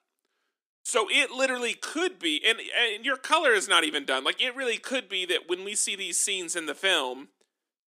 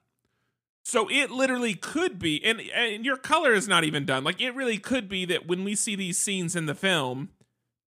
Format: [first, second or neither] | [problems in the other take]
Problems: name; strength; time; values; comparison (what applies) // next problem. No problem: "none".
second | thin; somewhat; fading below 300 Hz